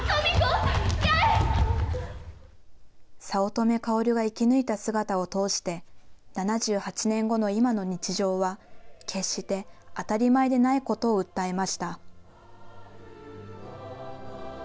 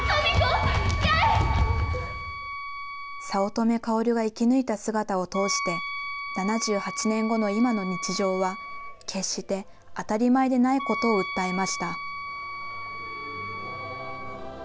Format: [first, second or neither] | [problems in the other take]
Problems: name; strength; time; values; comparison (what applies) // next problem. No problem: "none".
first | background sound (Wind instrument, woodwind instrument); 9 dB below the speech